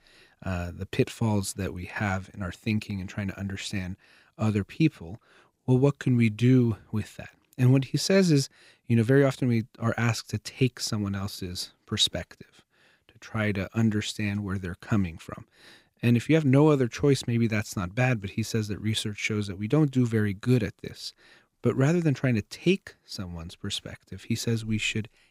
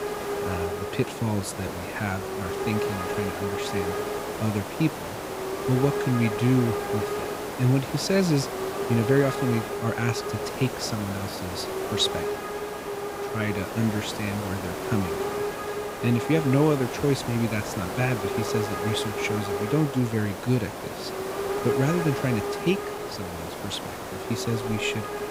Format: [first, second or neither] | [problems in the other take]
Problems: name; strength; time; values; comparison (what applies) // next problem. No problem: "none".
first | hiss; loud; throughout; 3 dB below the speech